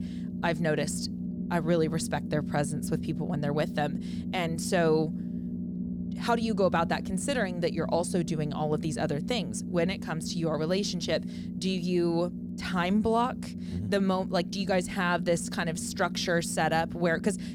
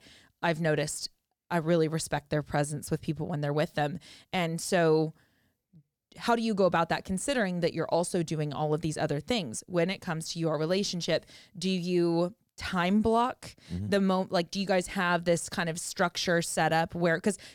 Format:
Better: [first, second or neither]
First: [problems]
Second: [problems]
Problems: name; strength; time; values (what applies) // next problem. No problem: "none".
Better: second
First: low rumble; noticeable; throughout; 15 dB below the speech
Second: none